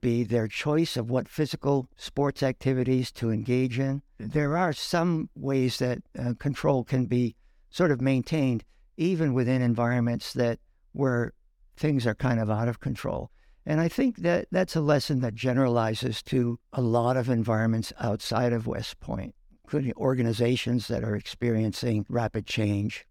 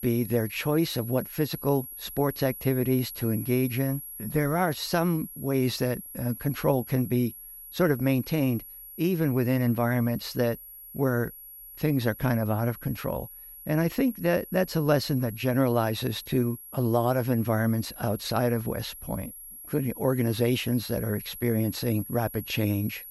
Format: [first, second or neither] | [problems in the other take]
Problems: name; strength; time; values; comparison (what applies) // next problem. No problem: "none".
first | high-pitched whine; noticeable; throughout; 11.5 kHz, 15 dB below the speech